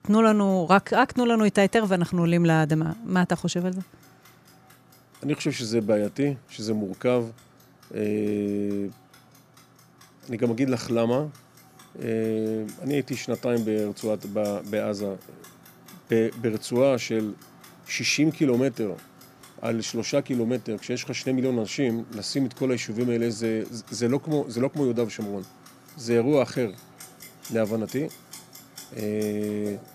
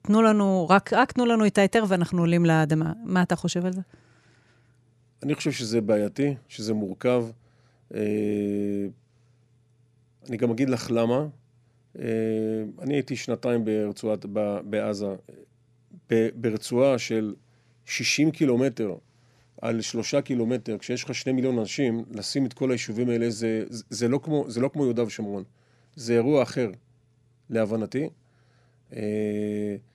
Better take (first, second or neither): second